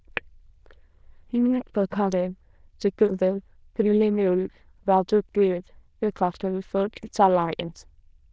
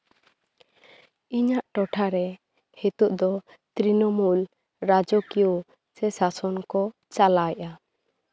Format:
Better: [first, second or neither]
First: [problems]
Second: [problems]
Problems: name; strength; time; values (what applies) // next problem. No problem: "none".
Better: second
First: noise reduction (neural diffusion model UNIVERSE++)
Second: none